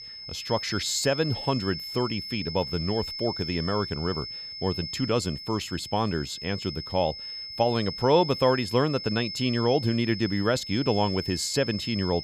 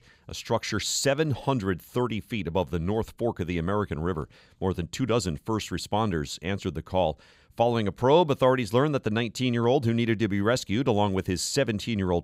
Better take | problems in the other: second | high-pitched whine; loud; throughout; 5 kHz, 7 dB below the speech

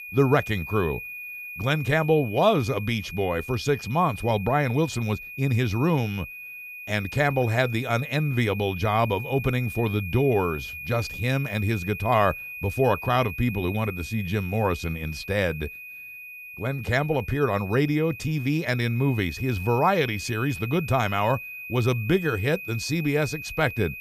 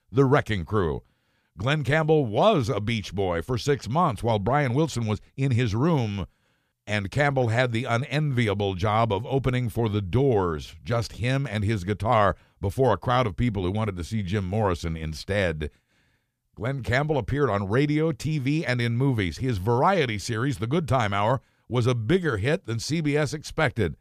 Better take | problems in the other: second | high-pitched whine; noticeable; throughout; 2.5 kHz, 10 dB below the speech

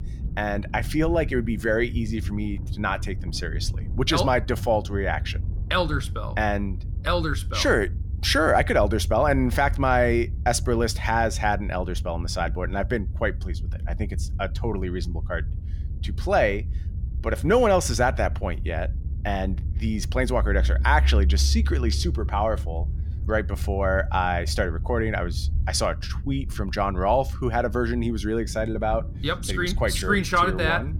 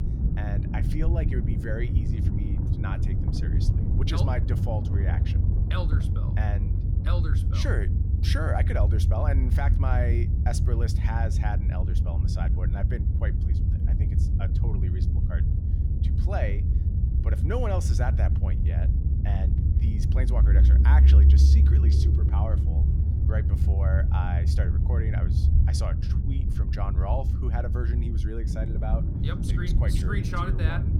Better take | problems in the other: first | low rumble; loud; throughout; 3 dB below the speech; faint in the first

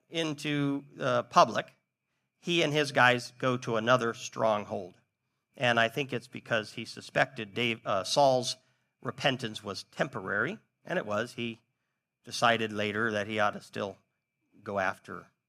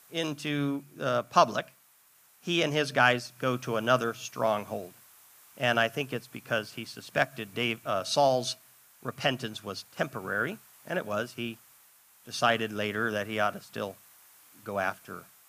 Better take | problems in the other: first | hiss; faint; throughout; 25 dB below the speech

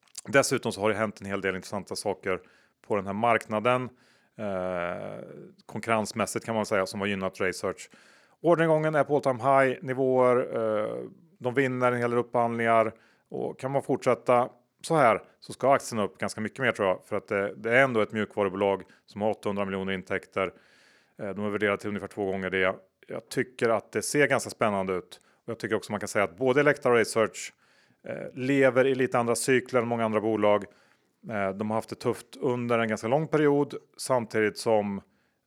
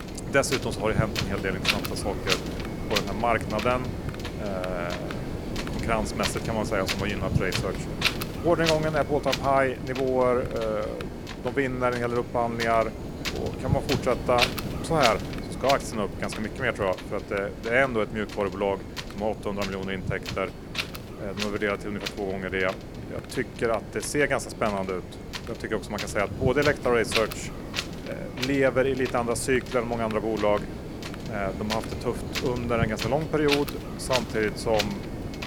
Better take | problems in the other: first | wind noise on the microphone; heavy; 6 dB below the speech

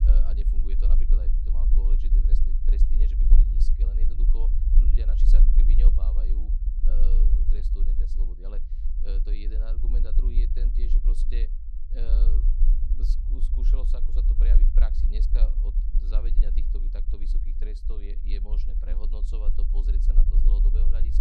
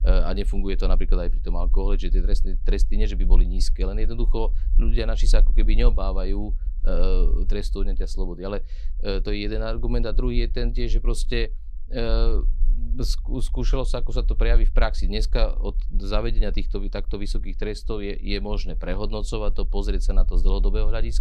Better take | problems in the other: second | low rumble; loud; throughout; 1 dB below the speech; faint in the second

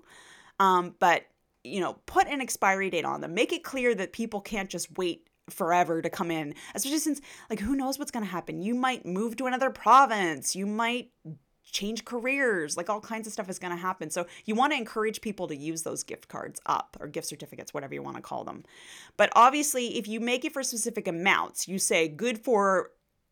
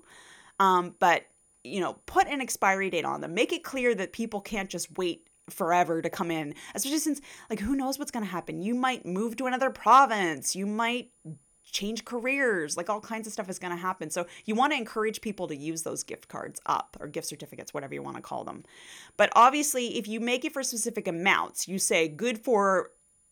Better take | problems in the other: first | high-pitched whine; faint; throughout; 9.5 kHz, 35 dB below the speech

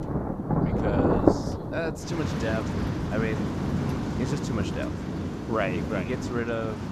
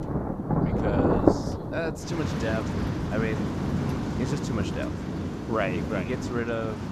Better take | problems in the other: neither | rain or running water; very loud; throughout; 4 dB above the speech; the same in both

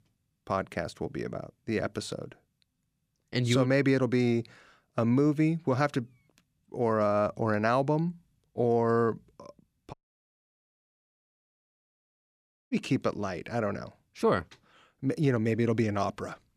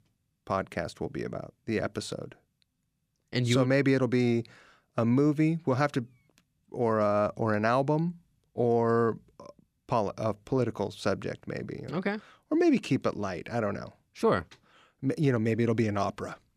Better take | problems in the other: second | audio cutting out; at 10 s for 3 s

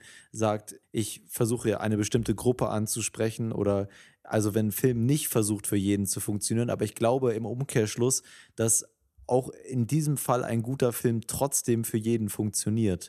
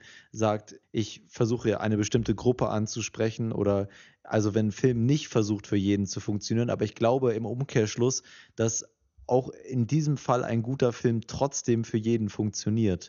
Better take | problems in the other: first | garbled, watery; slightly; nothing above 6.5 kHz

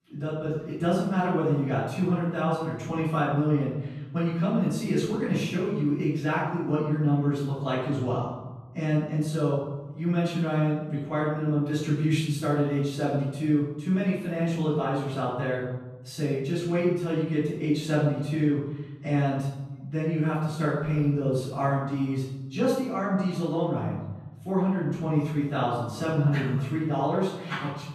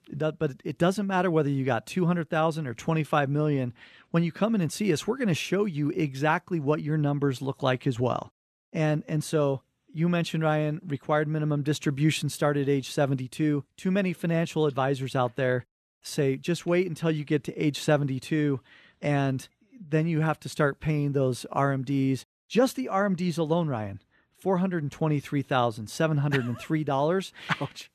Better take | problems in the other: second | room echo; noticeable; dies away in 1 s // off-mic speech; far

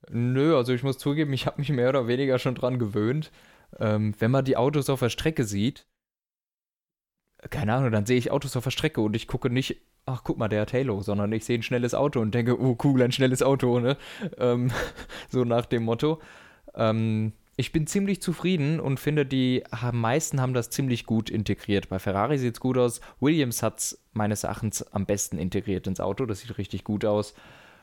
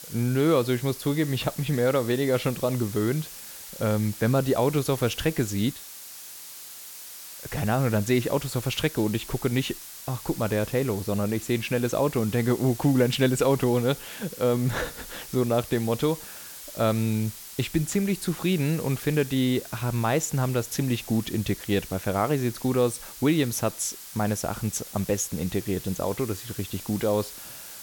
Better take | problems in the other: first | hiss; noticeable; throughout; 15 dB below the speech

